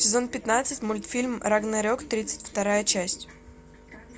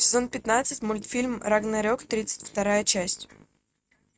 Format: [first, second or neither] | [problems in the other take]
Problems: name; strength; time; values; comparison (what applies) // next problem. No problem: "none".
first | noise reduction (neural mask model RNNoise)